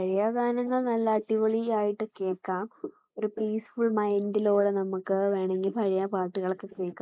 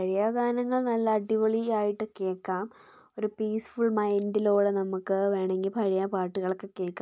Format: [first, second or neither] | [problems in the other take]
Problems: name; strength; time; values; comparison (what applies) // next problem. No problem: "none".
second | noise reduction (neural mask model Resemble Enhance denoiser)